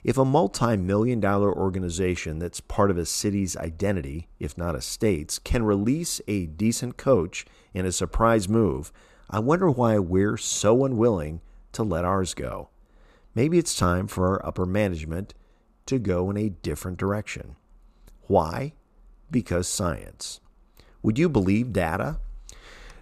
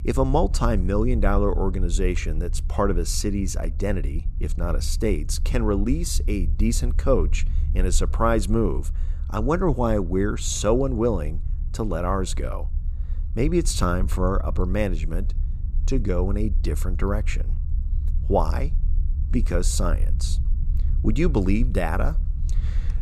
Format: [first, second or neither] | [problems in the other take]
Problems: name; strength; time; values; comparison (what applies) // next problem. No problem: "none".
first | low rumble; faint; throughout; 20 dB below the speech